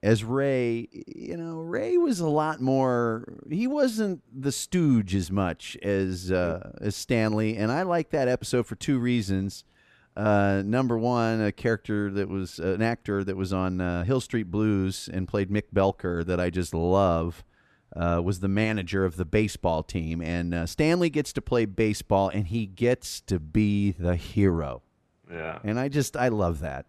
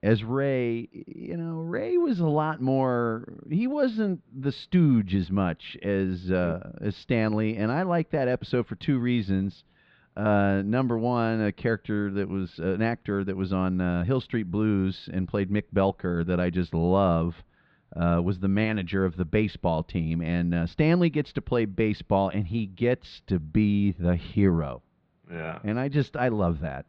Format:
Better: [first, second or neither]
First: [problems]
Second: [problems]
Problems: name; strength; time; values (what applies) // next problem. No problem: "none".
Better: first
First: none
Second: muffled; slightly; fading above 4 kHz